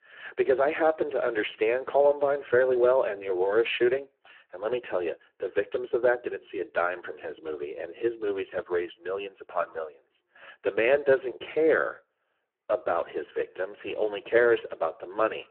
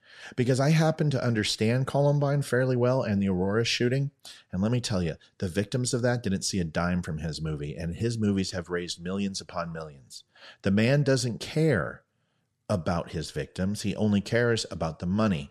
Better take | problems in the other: second | phone-call audio; poor line

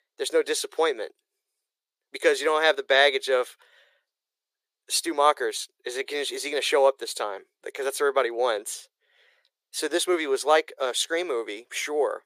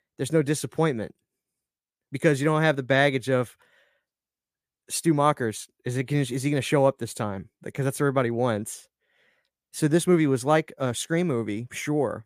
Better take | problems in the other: second | thin; very; fading below 400 Hz

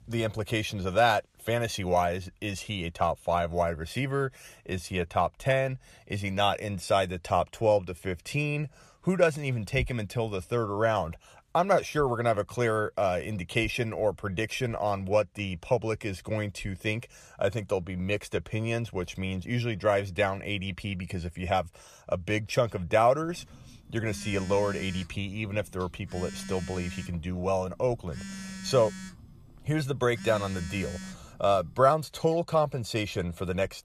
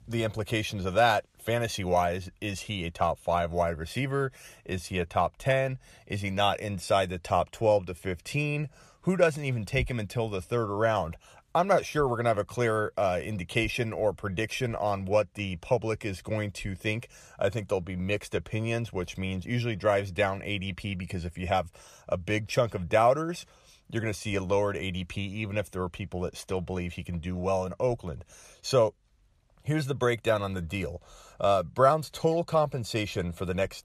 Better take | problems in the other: second | phone ringing; faint; from 23 to 32 s; peak 10 dB below the speech

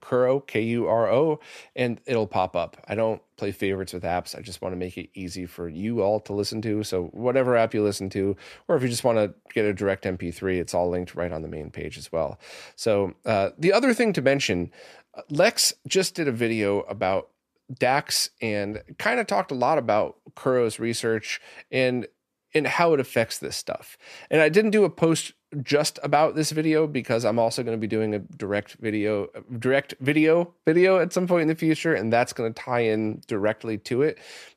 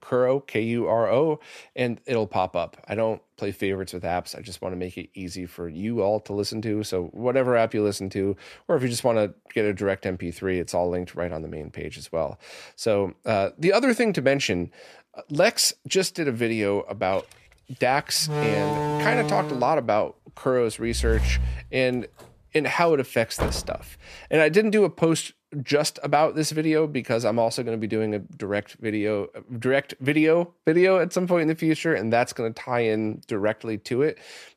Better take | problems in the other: first | door banging; noticeable; from 18 to 24 s; peak 1 dB below the speech

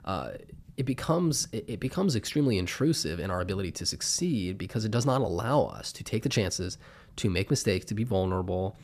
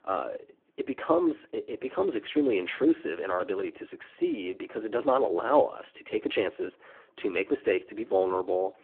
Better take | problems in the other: first | phone-call audio; poor line

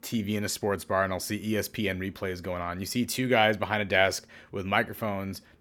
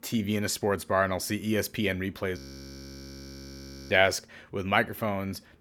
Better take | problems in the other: first | audio freezing; at 2.5 s for 1.5 s

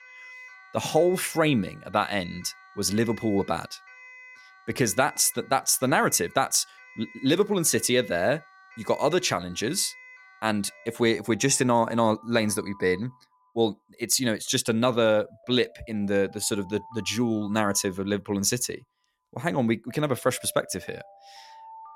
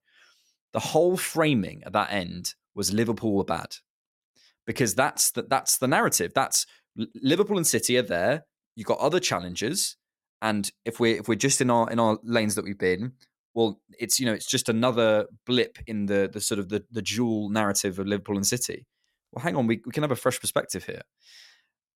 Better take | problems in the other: second | alarms or sirens; faint; throughout; 20 dB below the speech

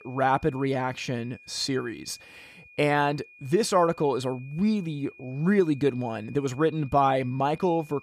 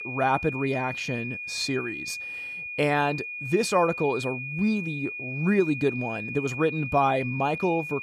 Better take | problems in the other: first | high-pitched whine; loud; throughout; 2.5 kHz, 6 dB below the speech; faint in the first

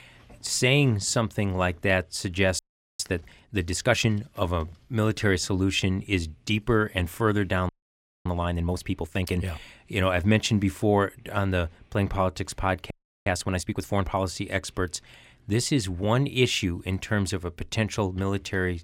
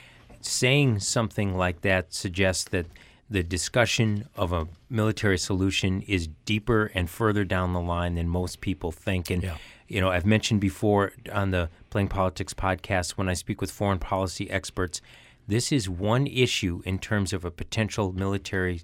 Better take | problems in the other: second | audio freezing; at 2.5 s, at 7.5 s for 0.5 s and at 13 s

